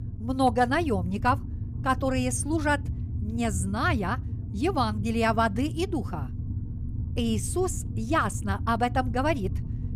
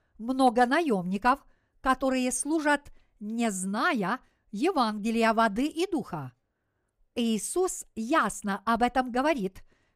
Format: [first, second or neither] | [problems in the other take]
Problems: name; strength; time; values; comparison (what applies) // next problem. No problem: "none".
second | low rumble; noticeable; throughout; 20 dB below the speech